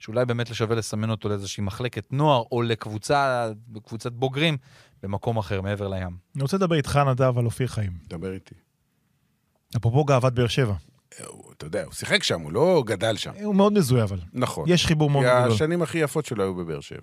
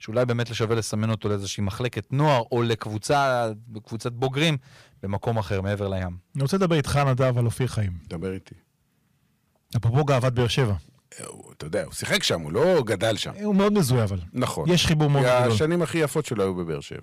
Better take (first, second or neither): first